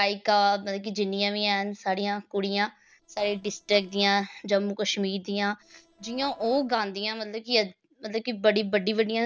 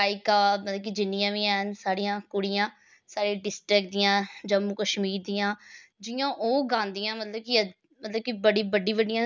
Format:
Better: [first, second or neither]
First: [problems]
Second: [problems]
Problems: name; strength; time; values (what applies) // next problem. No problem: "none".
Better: second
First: noise reduction (neural separator model SepFormer DNS4)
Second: none